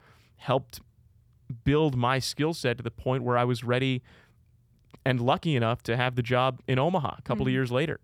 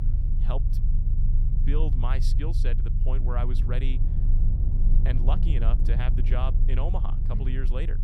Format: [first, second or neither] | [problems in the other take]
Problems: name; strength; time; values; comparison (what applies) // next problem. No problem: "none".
first | low rumble; loud; throughout; 6 dB below the speech